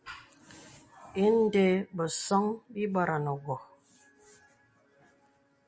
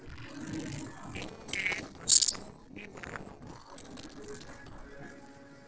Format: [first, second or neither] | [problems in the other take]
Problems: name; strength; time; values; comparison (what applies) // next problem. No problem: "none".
first | noise reduction (neural separator model SepFormer DNS4)